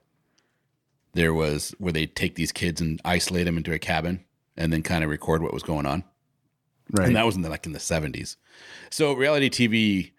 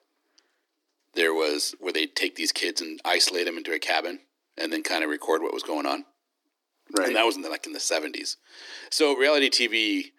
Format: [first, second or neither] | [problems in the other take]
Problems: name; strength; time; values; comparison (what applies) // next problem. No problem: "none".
first | thin; somewhat; fading below 300 Hz